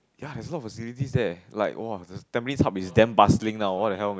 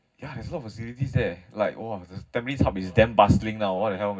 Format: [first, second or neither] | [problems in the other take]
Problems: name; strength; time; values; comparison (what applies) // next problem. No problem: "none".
first | room echo; dies away in 0.4 s